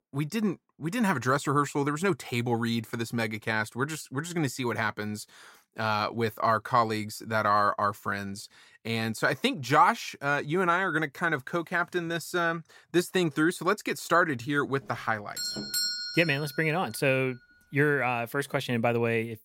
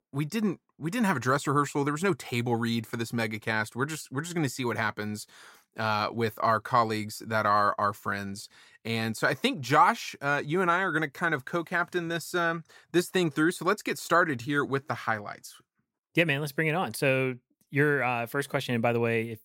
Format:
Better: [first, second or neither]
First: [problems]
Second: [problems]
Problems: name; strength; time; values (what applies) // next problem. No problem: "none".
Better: second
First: doorbell; loud; from 15 to 17 s; peak level with the speech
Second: none